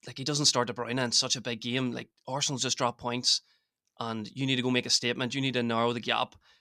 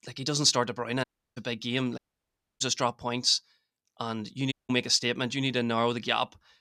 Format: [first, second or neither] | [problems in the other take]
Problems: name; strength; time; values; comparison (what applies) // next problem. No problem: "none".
first | audio cutting out; at 1 s, at 2 s for 0.5 s and at 4.5 s